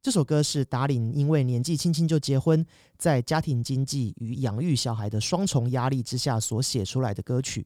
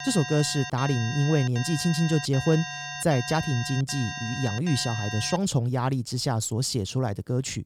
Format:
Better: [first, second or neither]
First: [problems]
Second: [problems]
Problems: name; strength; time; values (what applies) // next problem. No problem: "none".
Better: first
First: none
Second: alarm; noticeable; until 5.5 s; peak 7 dB below the speech